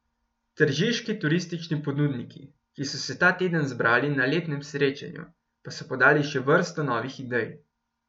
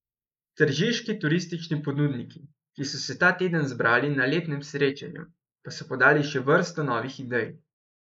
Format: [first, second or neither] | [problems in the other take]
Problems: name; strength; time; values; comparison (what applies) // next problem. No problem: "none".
first | noise reduction (neural mask model Resemble Enhance denoiser)